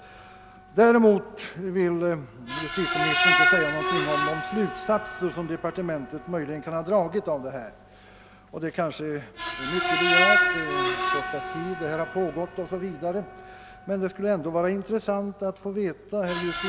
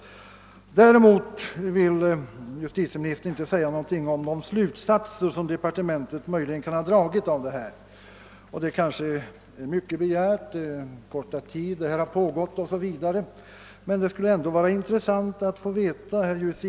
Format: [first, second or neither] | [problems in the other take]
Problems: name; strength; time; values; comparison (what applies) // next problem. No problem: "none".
second | background sound (Screech); 2 dB below the speech